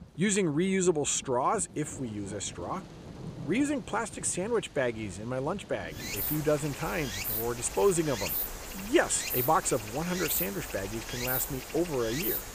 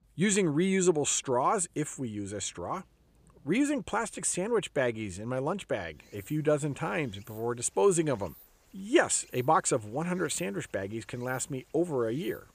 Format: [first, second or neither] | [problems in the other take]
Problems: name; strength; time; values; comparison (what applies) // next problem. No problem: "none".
second | rain or running water; loud; throughout; 5 dB below the speech; faint in the second